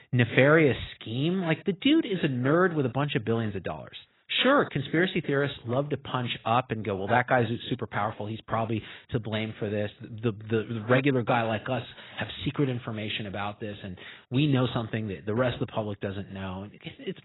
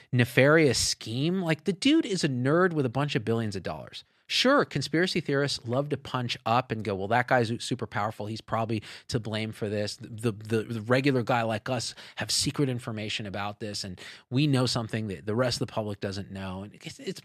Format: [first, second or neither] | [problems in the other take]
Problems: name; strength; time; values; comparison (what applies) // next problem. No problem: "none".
second | garbled, watery; badly; nothing above 4 kHz